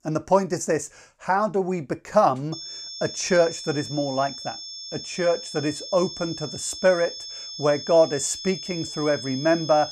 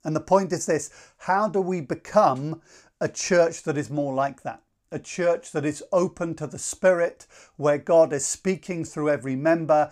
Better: second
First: high-pitched whine; loud; from 2.5 s on; 5.5 kHz, 10 dB below the speech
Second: none

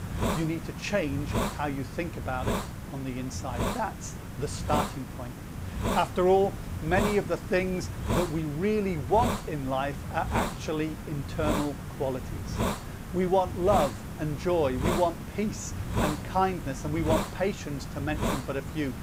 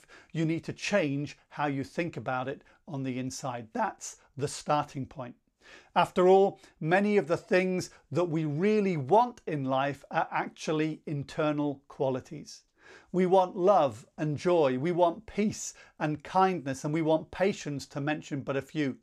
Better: second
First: hiss; loud; throughout; 4 dB below the speech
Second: none

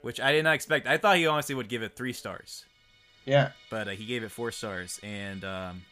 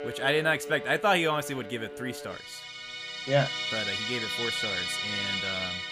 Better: first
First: background music; faint; throughout; 25 dB below the speech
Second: background music; loud; throughout; 3 dB below the speech

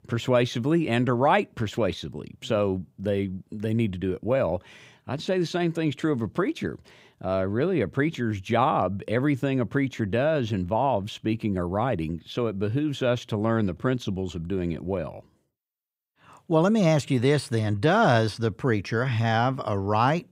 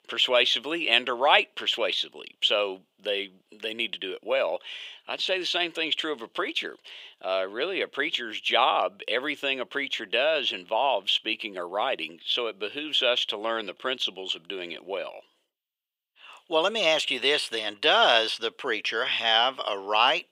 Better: first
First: none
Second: thin; very; fading below 450 Hz

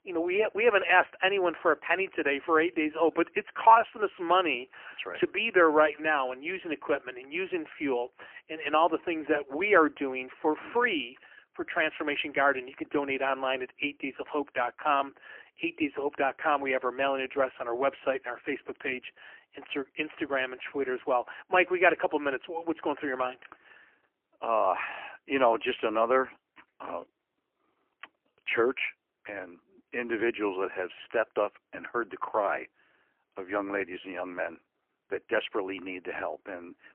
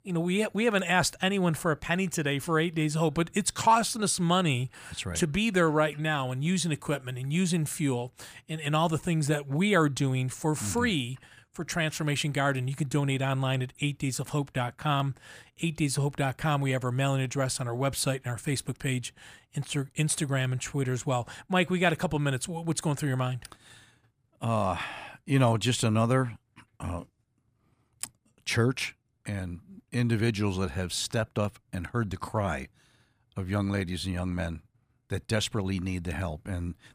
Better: second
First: phone-call audio; poor line; nothing above 3 kHz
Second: none

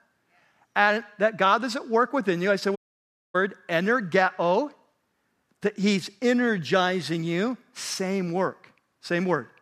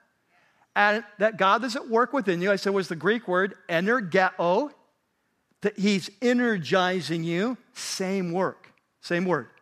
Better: second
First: audio cutting out; at 3 s for 0.5 s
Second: none

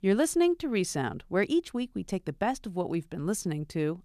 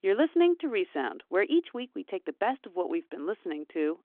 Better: first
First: none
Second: phone-call audio

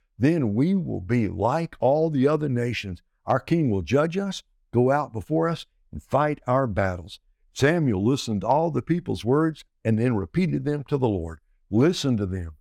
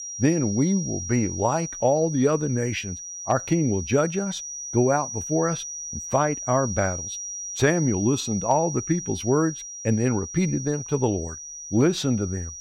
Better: first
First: none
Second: high-pitched whine; loud; throughout; 6 kHz, 8 dB below the speech

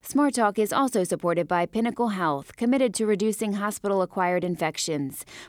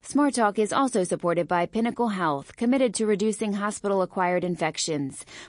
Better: first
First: none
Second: garbled, watery; slightly; nothing above 10.5 kHz

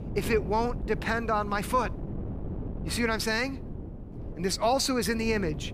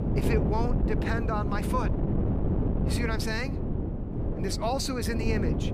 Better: first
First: wind noise on the microphone; occasional gusts; 15 dB below the speech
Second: wind noise on the microphone; heavy; 4 dB below the speech

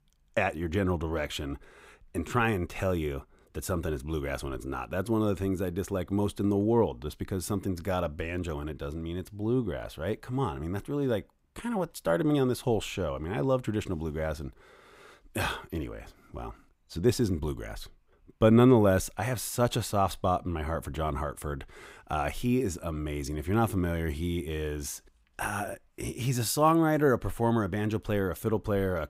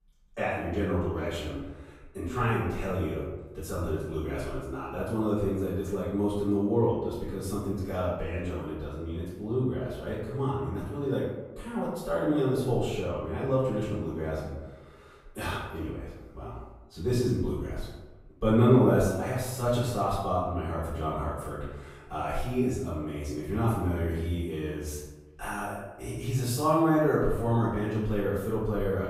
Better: first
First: none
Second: room echo; noticeable; dies away in 1 s // off-mic speech; far

